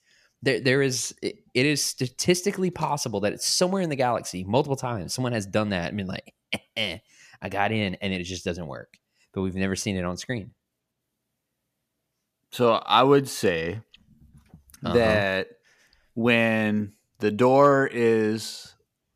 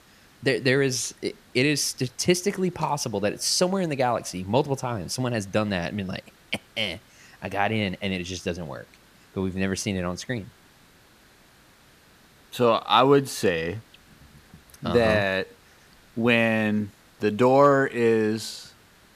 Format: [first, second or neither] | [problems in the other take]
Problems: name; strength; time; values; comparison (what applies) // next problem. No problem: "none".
first | hiss; faint; throughout; 30 dB below the speech